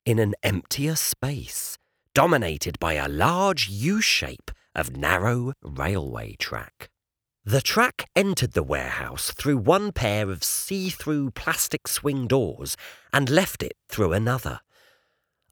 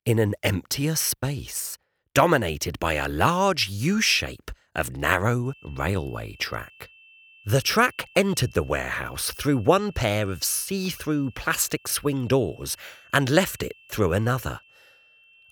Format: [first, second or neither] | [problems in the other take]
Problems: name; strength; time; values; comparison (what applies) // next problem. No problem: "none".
first | high-pitched whine; faint; from 5.5 s on; 2.5 kHz, 25 dB below the speech